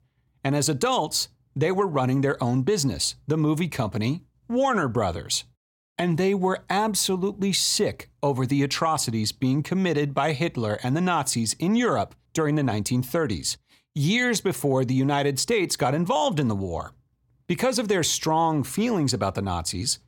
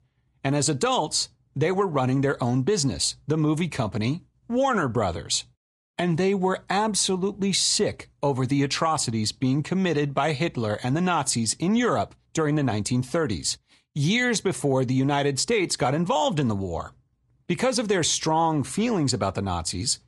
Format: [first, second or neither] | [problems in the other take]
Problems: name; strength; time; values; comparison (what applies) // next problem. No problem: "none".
first | garbled, watery; slightly; nothing above 10 kHz